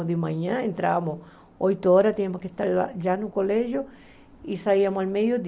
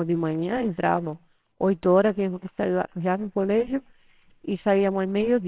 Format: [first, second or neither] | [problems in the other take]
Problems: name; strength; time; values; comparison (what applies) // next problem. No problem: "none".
first | noise reduction (neural separator model SepFormer WHAMR!)